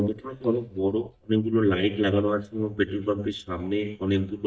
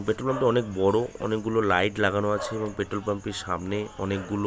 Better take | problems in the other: second | noise reduction (neural mask model DeepFilterNet 3)

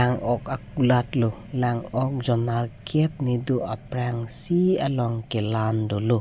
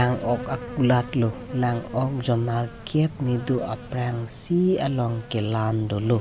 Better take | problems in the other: first | background sound (Insect); 16 dB below the speech

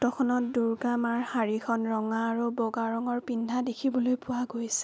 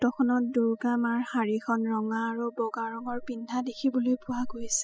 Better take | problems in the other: first | noise reduction (classical method spectral subtraction)

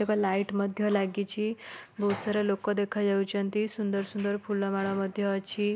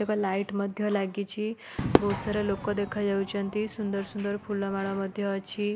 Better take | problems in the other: first | background sound (Crowd / Fireworks); 6 dB below the speech

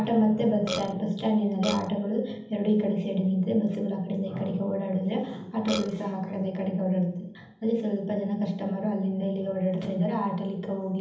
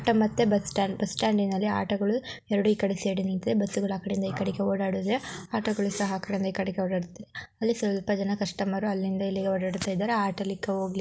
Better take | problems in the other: second | background sound (Burping, eructation); 6 dB below the speech // room echo; dies away in 0.8 s

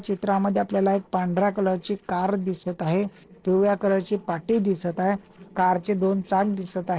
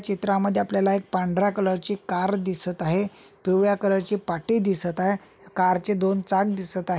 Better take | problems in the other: second | noise reduction (neural separator model SepFormer DNS4)

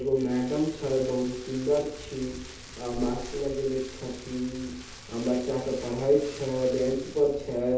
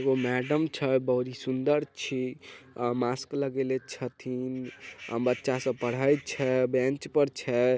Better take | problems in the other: second | background sound (Rain); 14 dB below the speech // room echo; dies away in 0.8 s

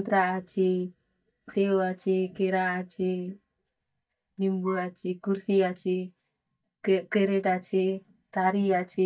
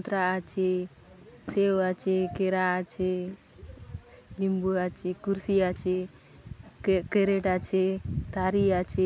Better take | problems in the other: second | noise reduction (neural mask model DeepFilterNet 3)

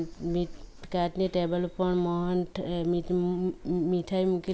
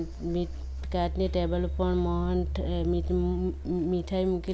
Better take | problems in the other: first | background sound (Engine); 4 dB below the speech

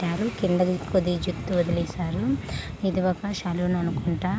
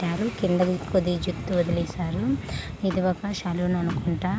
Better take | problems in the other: first | background sound (Thump, thud); 18 dB below the speech

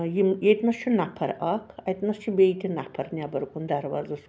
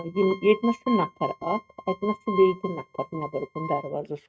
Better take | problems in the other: first | noise reduction (neural mask model RNNoise)

